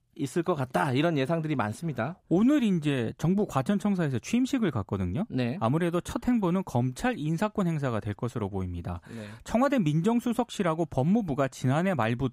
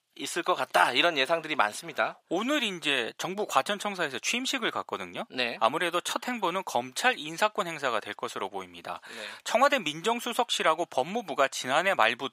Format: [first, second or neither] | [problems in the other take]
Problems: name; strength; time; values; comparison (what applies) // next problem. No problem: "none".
first | thin; very; fading below 650 Hz